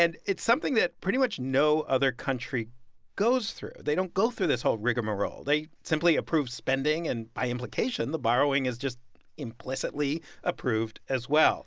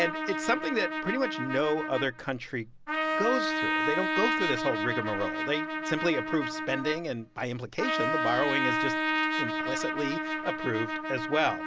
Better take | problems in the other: first | background sound (Trumpet); as loud as the speech

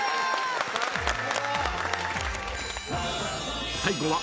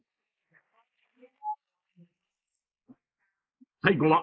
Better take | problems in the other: first | noise reduction (neural mask model Resemble Enhance denoiser)

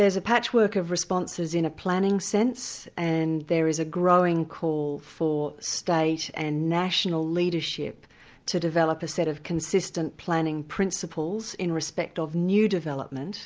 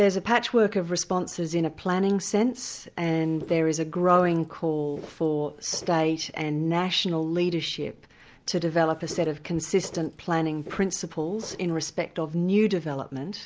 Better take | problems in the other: first | background sound (Walk, footsteps); 20 dB below the speech

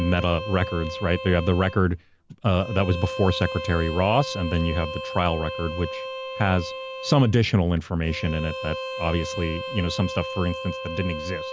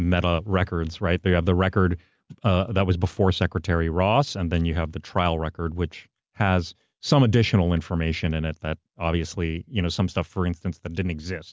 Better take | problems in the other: second | background sound (Bowed string instrument); 9 dB below the speech

